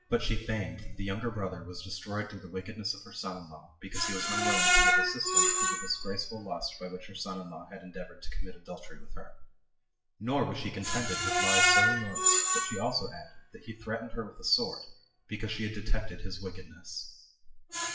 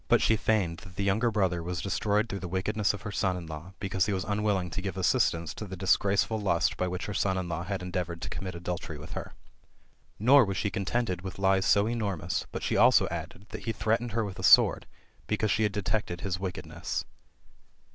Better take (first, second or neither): second